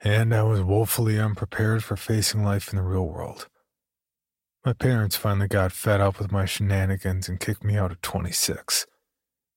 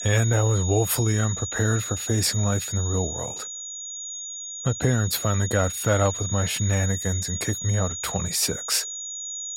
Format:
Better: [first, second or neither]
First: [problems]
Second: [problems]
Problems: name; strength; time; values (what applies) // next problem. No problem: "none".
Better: first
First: none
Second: high-pitched whine; loud; throughout; 7 kHz, 6 dB below the speech